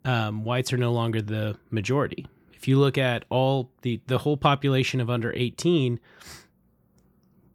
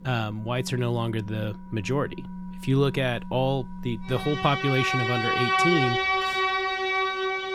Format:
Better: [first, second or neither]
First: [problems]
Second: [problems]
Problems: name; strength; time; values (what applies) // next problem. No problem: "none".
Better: first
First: none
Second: background music; very loud; throughout; 2 dB above the speech